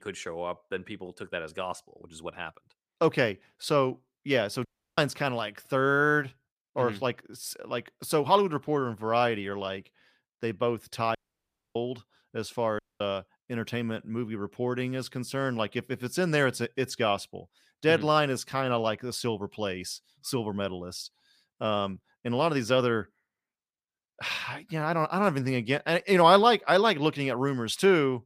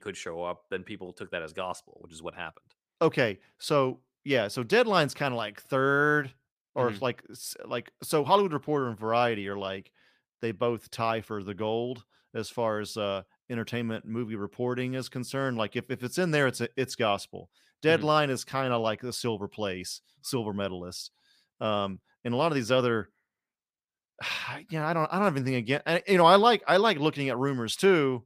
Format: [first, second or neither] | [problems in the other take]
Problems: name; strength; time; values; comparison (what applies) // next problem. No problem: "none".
second | audio cutting out; at 4.5 s, at 11 s for 0.5 s and at 13 s